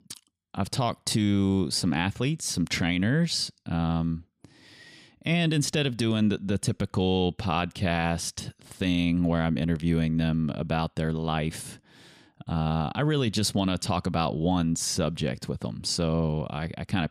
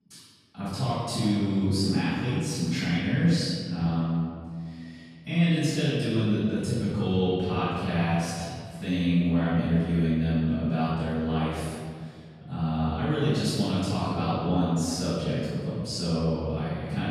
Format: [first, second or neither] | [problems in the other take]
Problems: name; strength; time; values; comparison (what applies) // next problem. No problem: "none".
first | off-mic speech; far // room echo; strong; dies away in 1.8 s